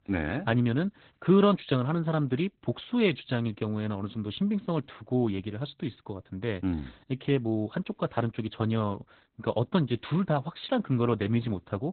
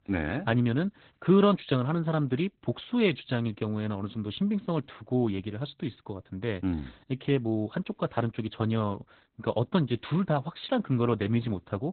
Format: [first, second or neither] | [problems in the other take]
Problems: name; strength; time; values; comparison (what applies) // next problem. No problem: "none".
neither | garbled, watery; badly; nothing above 4 kHz; the same in both